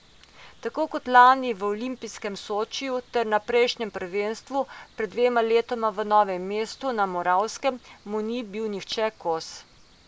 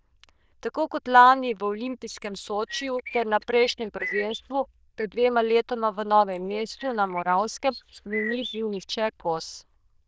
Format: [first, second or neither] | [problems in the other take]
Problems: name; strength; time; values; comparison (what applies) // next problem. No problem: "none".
first | noise reduction (neural diffusion model UNIVERSE++)